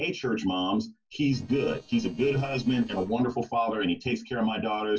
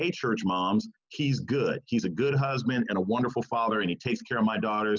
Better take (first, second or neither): second